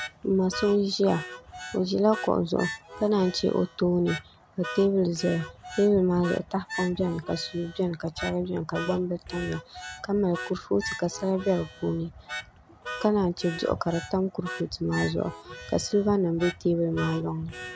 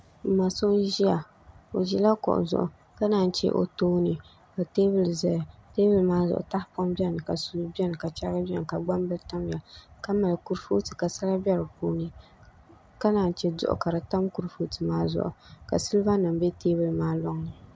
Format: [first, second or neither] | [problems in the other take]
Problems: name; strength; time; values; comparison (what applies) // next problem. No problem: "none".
second | background sound (Harmonica); 13 dB below the speech